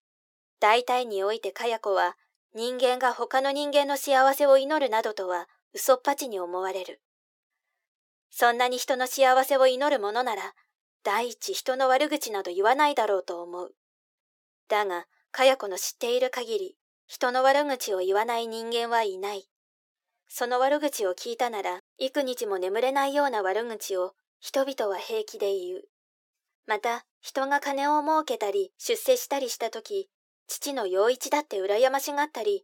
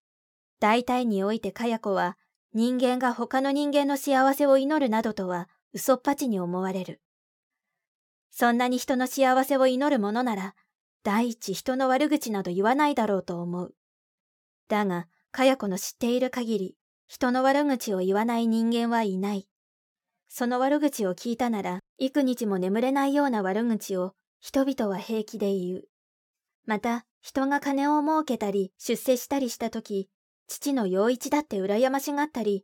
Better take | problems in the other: second | thin; somewhat; fading below 350 Hz

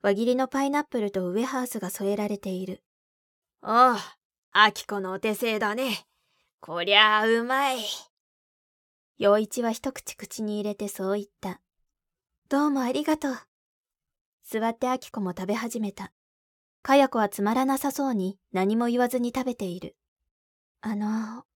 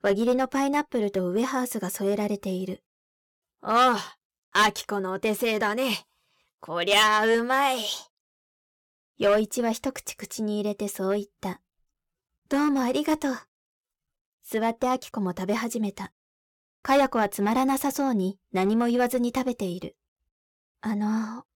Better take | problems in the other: first | distortion; slight; 3% of the sound clipped

